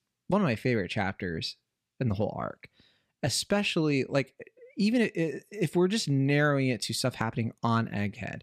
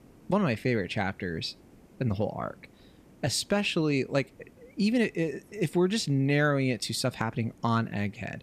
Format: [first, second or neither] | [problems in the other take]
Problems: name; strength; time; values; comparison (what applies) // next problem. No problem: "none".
first | hiss; faint; throughout; 30 dB below the speech